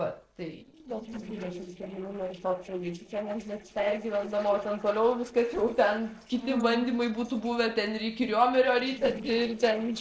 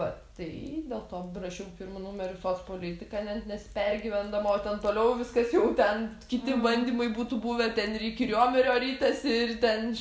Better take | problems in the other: second | noise reduction (neural separator model SepFormer DNS4)

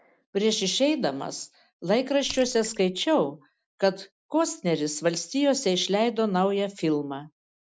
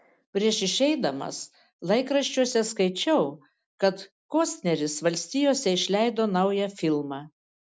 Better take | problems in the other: second | noise reduction (neural mask model Resemble Enhance denoiser)

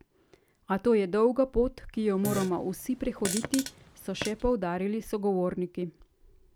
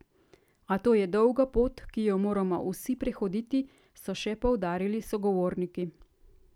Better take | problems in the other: second | background sound (Fart); 9 dB below the speech

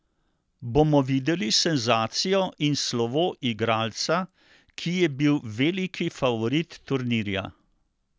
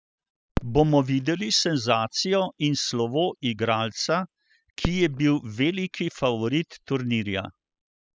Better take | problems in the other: first | noise reduction (classical method spectral subtraction)

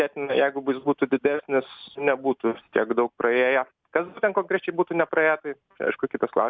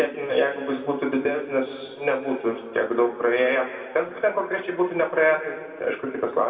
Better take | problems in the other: first | room echo; dies away in 1.9 s

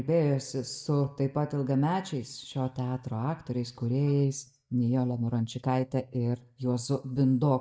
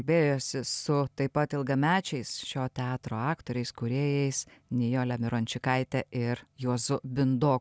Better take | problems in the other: second | noise reduction (neural mask model DeepFilterNet 3)

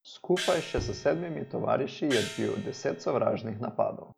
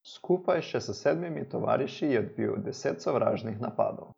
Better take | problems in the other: second | background sound (Gong + Bowed string instrument); 10 dB below the speech

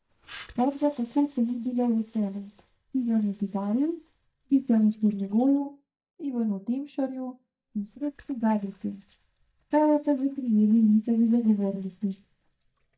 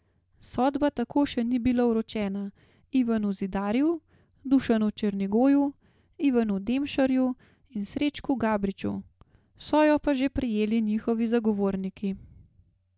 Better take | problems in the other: second | noise reduction (neural mask model DeepFilterNet 3)

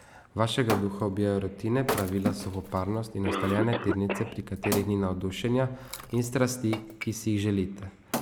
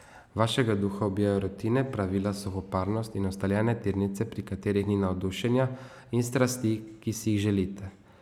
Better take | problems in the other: second | background sound (Wood + Cough); 7 dB below the speech

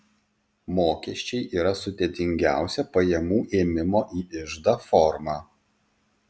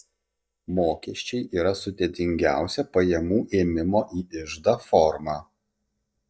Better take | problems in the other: first | noise reduction (neural mask model DeepFilterNet 3)

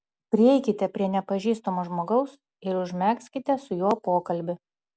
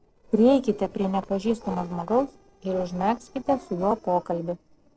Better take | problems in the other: first | noise reduction (neural separator model SepFormer DNS4)

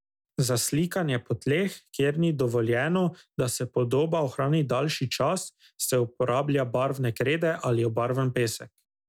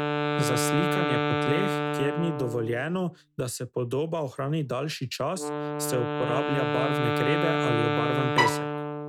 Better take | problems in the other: first | background sound (Bowed string instrument + Wind instrument, woodwind instrument); 2 dB above the speech

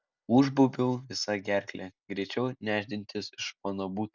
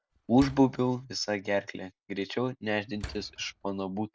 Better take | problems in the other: first | background sound (Slam); 17 dB below the speech

